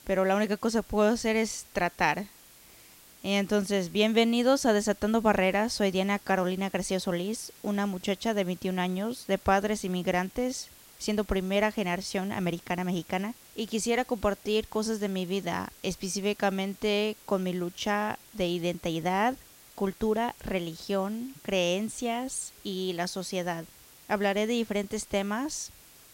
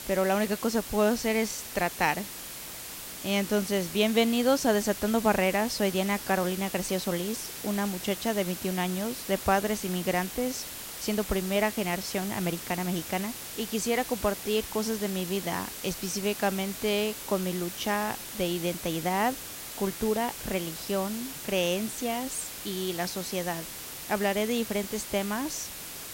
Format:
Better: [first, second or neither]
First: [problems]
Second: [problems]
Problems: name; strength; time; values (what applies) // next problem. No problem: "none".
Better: first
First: hiss; faint; throughout; 20 dB below the speech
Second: hiss; loud; throughout; 8 dB below the speech